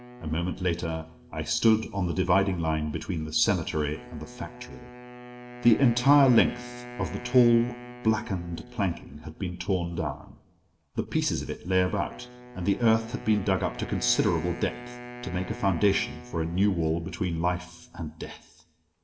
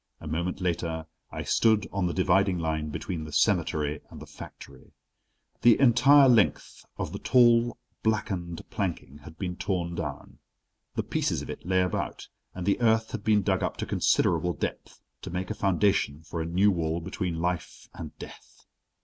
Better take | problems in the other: second | background sound (Wind instrument, woodwind instrument); 17 dB below the speech // room echo; dies away in 0.7 s

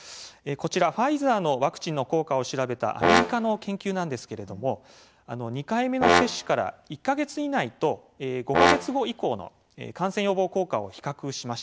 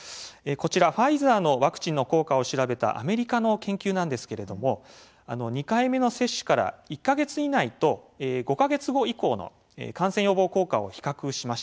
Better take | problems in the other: second | background sound (Brass instrument); as loud as the speech

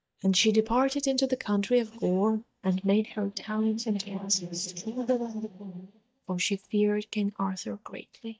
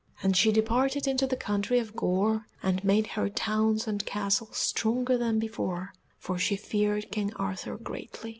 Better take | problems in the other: second | noise reduction (neural mask model DeepFilterNet 3)

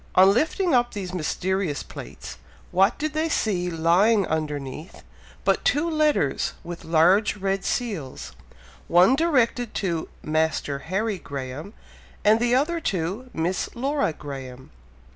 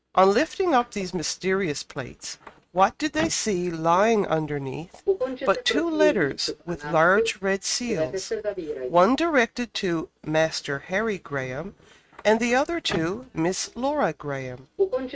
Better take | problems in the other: first | noise reduction (neural mask model RNNoise)

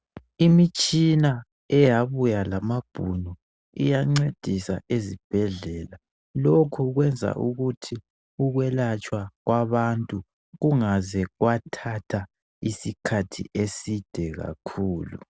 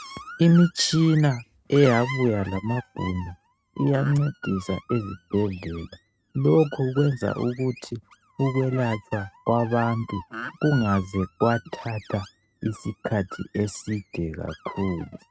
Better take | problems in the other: first | noise reduction (neural mask model RNNoise)

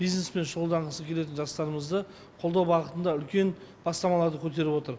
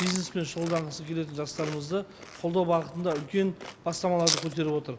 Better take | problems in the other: first | background sound (Chewing, mastication); 9 dB below the speech

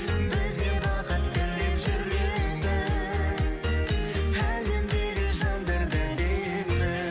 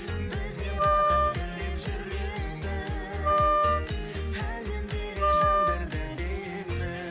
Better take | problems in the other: first | background sound (Wind instrument, woodwind instrument); 4 dB above the speech

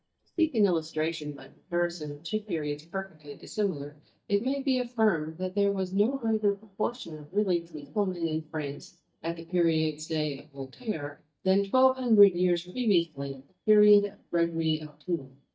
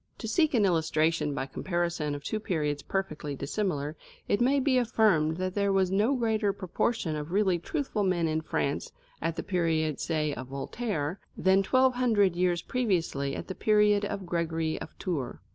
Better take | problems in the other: second | noise reduction (neural mask model DeepFilterNet 3)

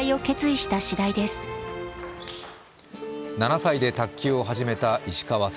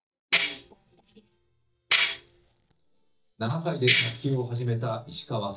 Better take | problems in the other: first | noise reduction (neural mask model DeepFilterNet 3)

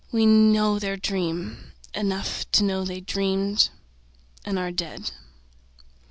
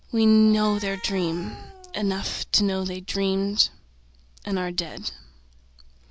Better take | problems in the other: first | background sound (Cat); 19 dB below the speech

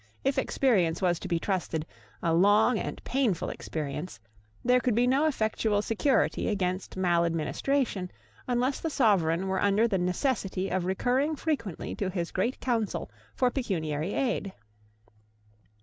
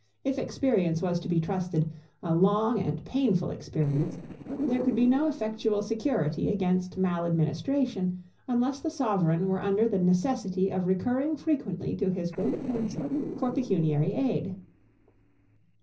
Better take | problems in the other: first | noise reduction (neural separator model SepFormer DNS4)

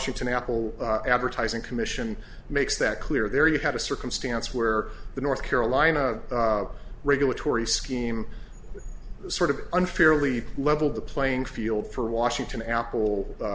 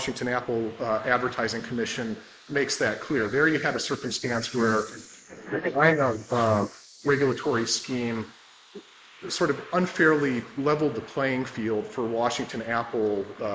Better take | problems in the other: first | noise reduction (neural mask model Resemble Enhance denoiser)

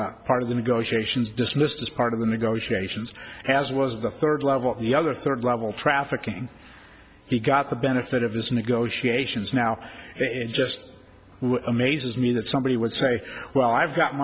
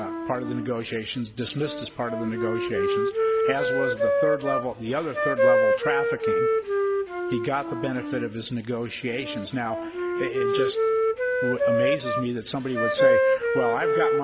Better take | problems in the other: first | background sound (Wind instrument, woodwind instrument); 5 dB above the speech

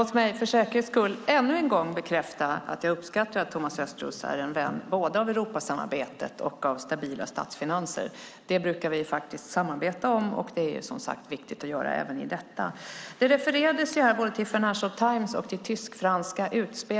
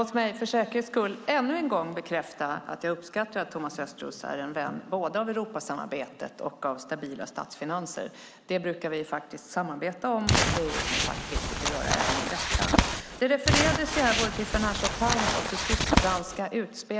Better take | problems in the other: first | background sound (Crumpling, crinkling); 3 dB above the speech

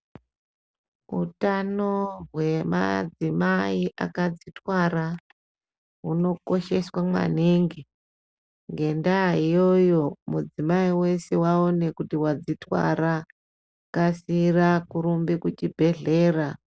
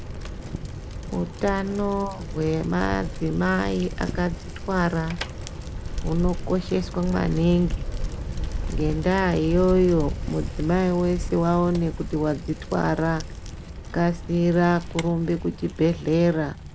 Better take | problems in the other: first | background sound (Bicycle); 7 dB below the speech

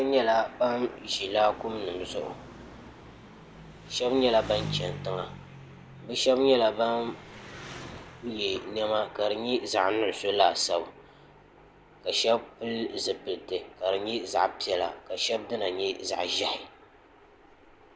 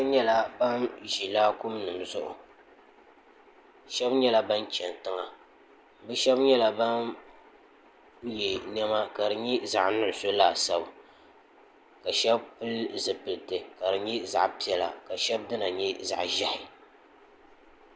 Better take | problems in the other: second | background sound (Engine); 17 dB below the speech

